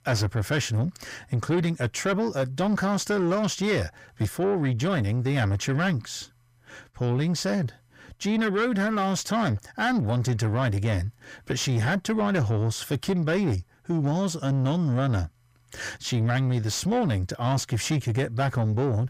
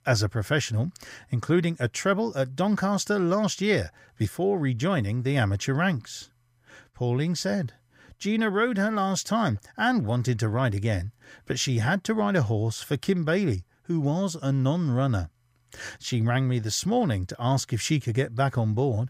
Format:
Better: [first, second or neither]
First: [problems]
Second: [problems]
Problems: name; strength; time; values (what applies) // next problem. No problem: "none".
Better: second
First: distortion; slight; 10 dB below the speech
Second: none